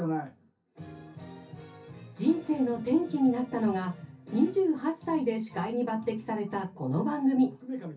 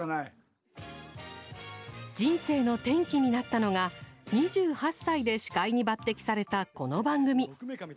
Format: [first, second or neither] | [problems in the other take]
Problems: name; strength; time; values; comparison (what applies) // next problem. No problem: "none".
second | room echo; dies away in 0.3 s